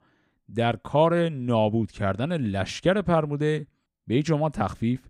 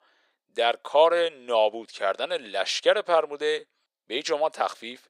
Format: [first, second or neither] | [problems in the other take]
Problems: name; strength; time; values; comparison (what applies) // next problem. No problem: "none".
first | thin; very; fading below 500 Hz